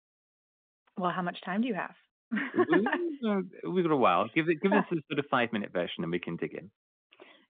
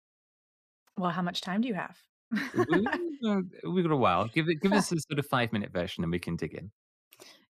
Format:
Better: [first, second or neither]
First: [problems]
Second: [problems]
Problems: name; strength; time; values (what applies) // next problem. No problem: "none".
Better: second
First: phone-call audio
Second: none